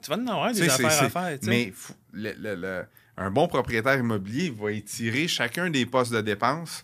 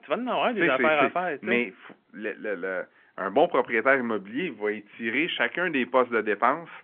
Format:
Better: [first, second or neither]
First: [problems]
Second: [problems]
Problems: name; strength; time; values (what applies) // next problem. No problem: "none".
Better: first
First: none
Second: phone-call audio; nothing above 3.5 kHz